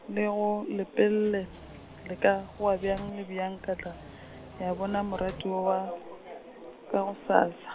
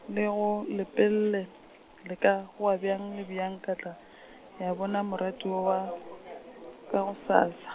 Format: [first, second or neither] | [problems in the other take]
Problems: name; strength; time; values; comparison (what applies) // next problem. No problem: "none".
second | background sound (Engine / Mechanisms); 16 dB below the speech